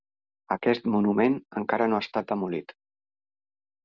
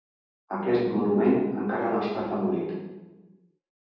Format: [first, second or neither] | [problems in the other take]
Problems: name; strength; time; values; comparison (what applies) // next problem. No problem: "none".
first | room echo; dies away in 1.3 s